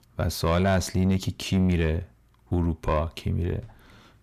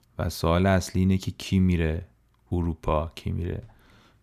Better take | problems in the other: second | distortion; slight; 10 dB below the speech

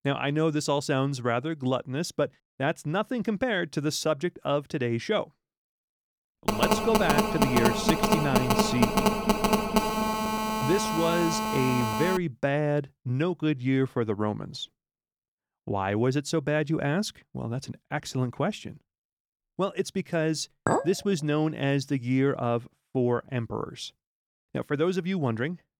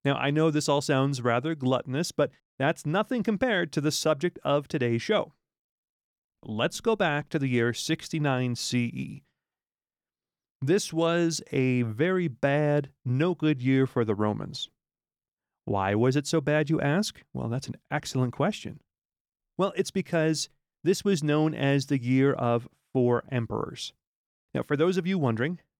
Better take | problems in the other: second | phone ringing; loud; from 6.5 to 12 s; peak 4 dB above the speech // clattering dishes; loud; at 21 s; peak 1 dB above the speech

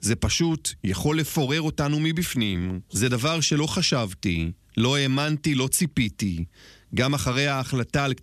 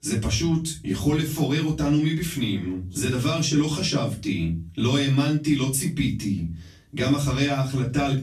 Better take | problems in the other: first | off-mic speech; far // room echo; slight; dies away in 0.3 s

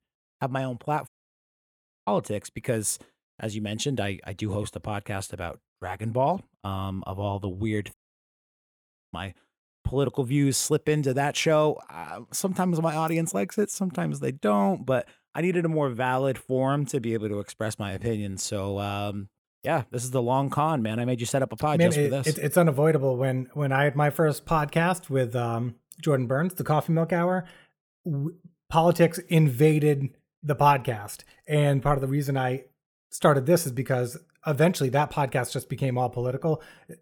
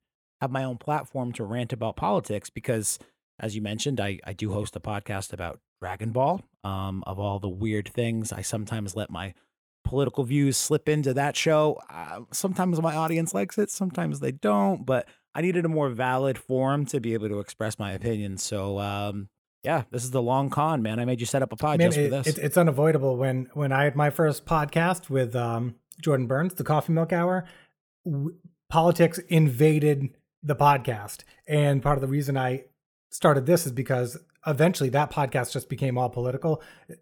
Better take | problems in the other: second | audio cutting out; at 1 s for 1 s and at 8 s for 1 s

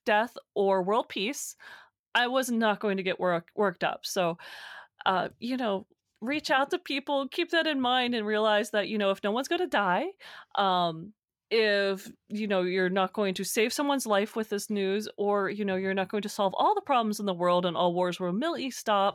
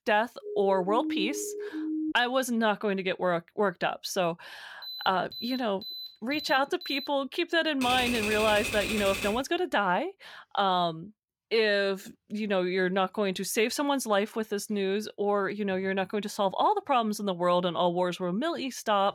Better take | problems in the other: first | siren; noticeable; until 2 s; peak 4 dB below the speech // alarm; noticeable; from 5 to 7 s; peak 10 dB below the speech // keyboard typing; noticeable; from 8 to 9.5 s; peak 2 dB below the speech

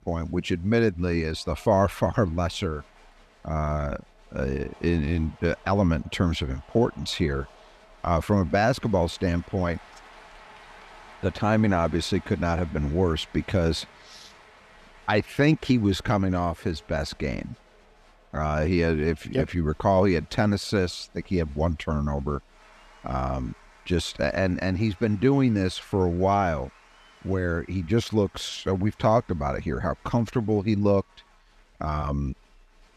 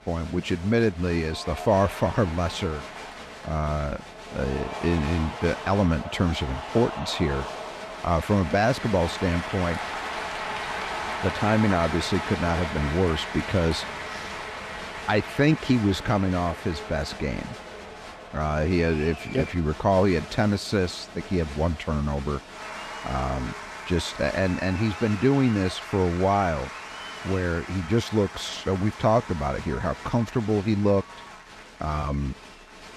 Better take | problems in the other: first | crowd noise; loud; throughout; 10 dB below the speech; faint in the first

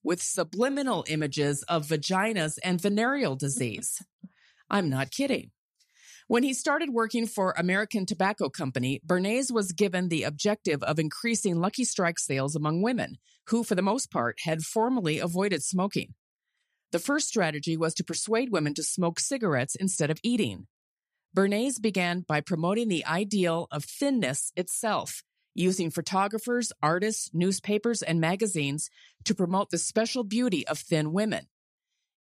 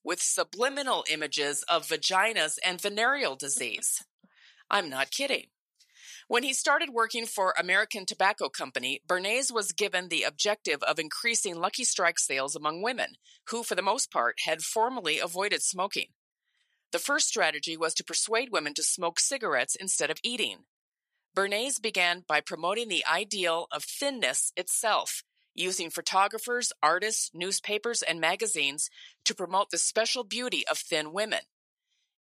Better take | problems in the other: first | thin; very; fading below 650 Hz

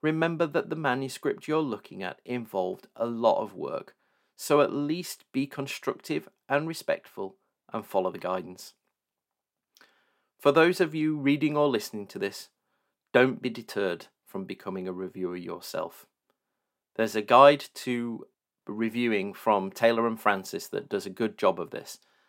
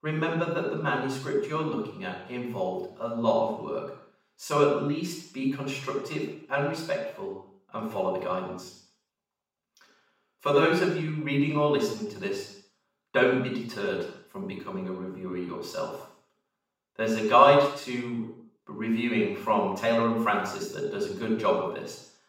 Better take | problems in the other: first | room echo; noticeable; dies away in 0.6 s // off-mic speech; far

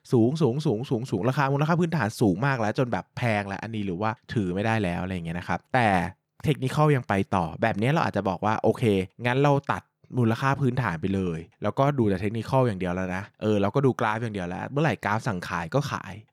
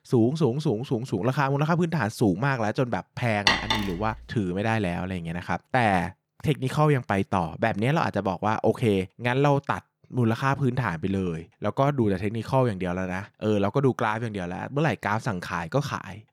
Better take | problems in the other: first | clattering dishes; loud; at 3.5 s; peak 4 dB above the speech

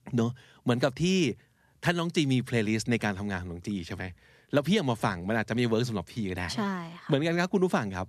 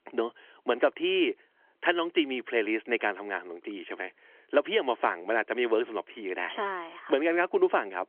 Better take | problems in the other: first | phone-call audio; nothing above 3.5 kHz

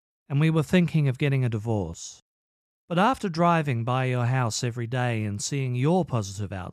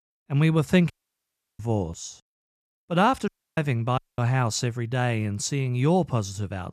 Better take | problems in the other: first | audio cutting out; at 1 s for 0.5 s, at 3.5 s and at 4 s

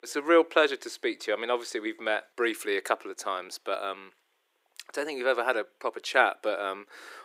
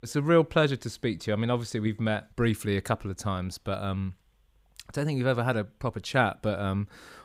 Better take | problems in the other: second | thin; very; fading below 350 Hz

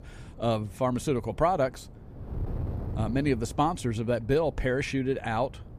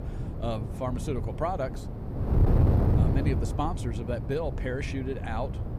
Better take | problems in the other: first | wind noise on the microphone; heavy; 5 dB below the speech; occasional gusts in the first

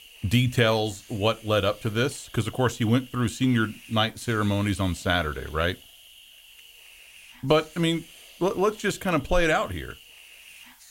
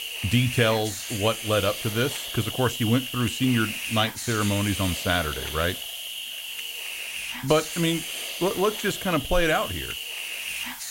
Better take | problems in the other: first | hiss; loud; throughout; 5 dB below the speech; faint in the first

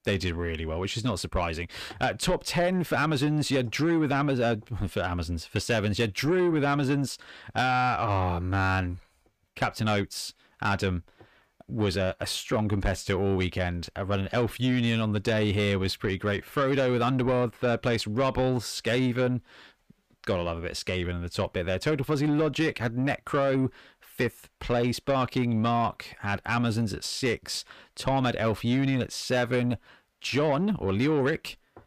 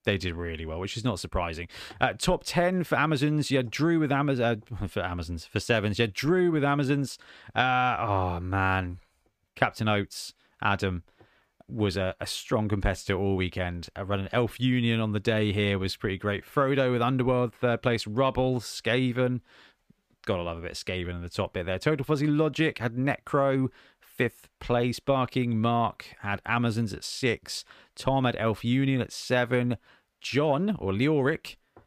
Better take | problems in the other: second | distortion; slight; 10 dB below the speech

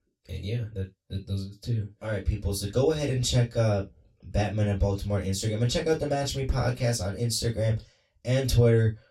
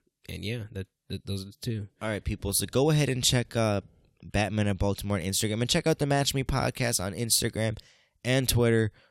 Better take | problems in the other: second | room echo; very slight; dies away in 0.2 s // off-mic speech; far

